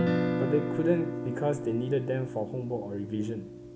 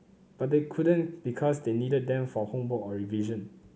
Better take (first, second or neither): second